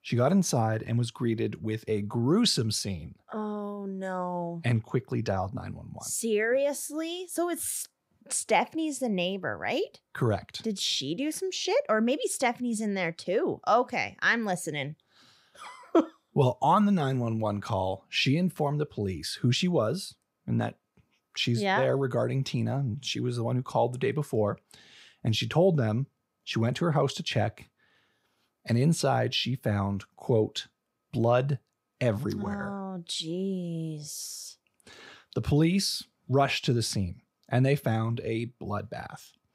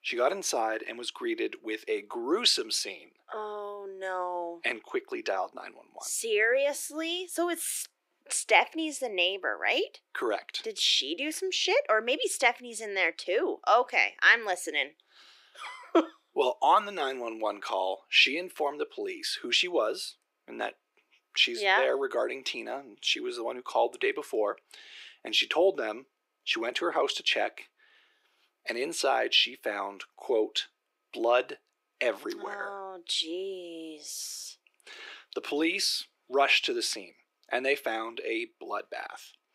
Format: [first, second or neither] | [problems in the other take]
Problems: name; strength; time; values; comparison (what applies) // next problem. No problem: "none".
first | thin; very; fading below 350 Hz